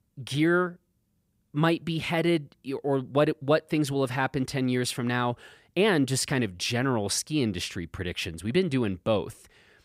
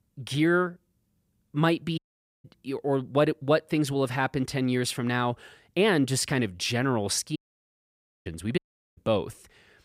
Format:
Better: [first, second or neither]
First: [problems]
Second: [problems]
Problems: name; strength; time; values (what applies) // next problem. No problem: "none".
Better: first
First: none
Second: audio cutting out; at 2 s, at 7.5 s for 1 s and at 8.5 s